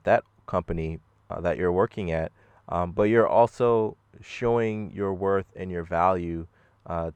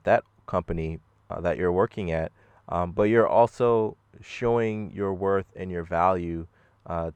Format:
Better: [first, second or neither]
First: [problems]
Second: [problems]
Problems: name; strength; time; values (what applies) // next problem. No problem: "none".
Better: neither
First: muffled; slightly; fading above 2.5 kHz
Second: muffled; slightly; fading above 2.5 kHz